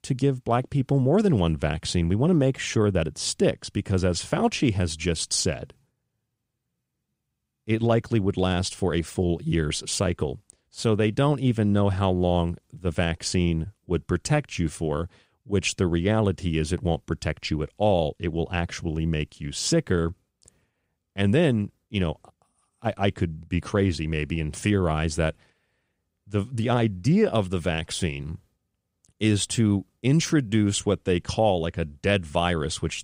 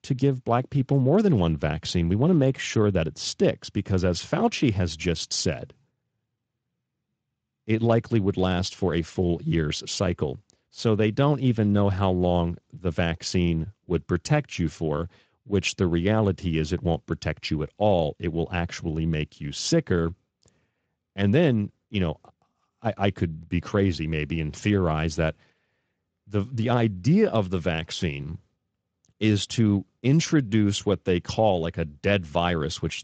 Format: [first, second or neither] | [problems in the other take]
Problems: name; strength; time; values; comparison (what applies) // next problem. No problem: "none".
first | garbled, watery; slightly; nothing above 7.5 kHz